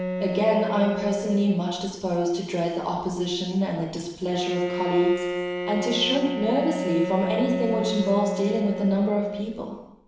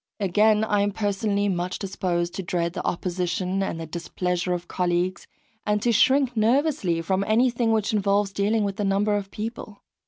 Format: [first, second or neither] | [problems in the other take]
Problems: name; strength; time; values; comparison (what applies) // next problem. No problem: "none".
second | background sound (Bowed string instrument); 6 dB below the speech // room echo; dies away in 0.8 s